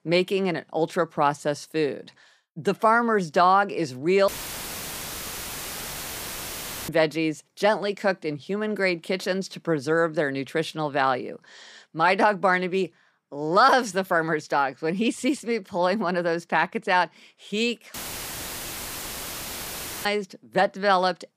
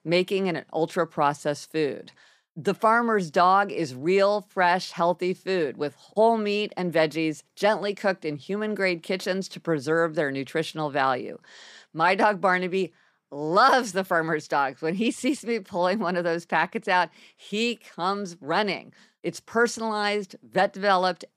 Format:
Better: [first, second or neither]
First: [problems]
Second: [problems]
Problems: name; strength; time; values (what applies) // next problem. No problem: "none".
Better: second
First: audio cutting out; filled with static; at 4.5 s for 2.5 s and at 18 s for 2 s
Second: none